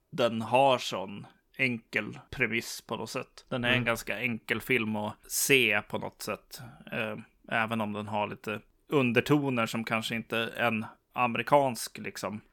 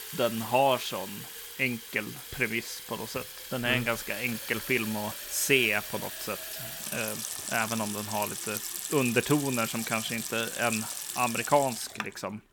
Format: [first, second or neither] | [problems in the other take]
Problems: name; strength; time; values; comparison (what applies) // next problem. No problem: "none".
first | household noises; loud; throughout; 6 dB below the speech